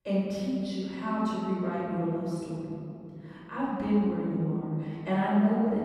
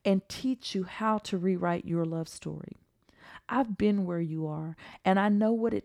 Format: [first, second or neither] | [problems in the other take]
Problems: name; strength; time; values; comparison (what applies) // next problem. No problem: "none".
second | off-mic speech; far // room echo; strong; dies away in 2.9 s